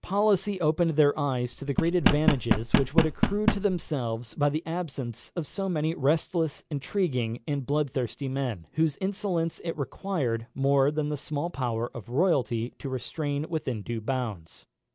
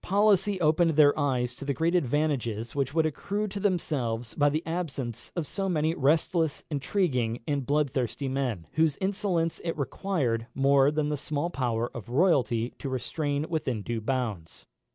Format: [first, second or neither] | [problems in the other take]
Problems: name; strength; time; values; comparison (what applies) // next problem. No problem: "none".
second | background sound (Knock); 2 dB above the speech